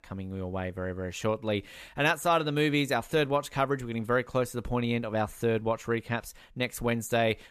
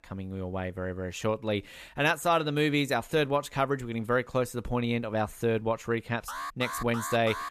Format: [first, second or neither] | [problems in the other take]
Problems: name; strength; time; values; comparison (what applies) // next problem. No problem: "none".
first | alarm; noticeable; from 6.5 s on; peak 7 dB below the speech